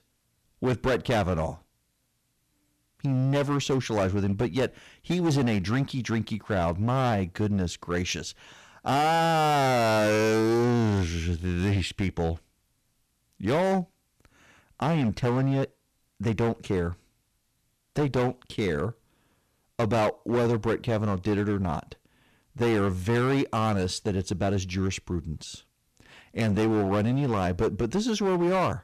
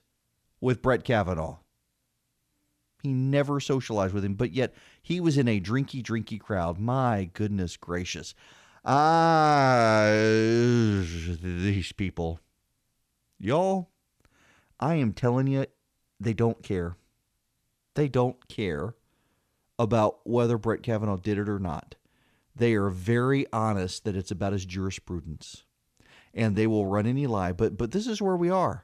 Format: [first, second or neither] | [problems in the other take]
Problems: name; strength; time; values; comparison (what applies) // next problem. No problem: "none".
second | distortion; heavy; 14% of the sound clipped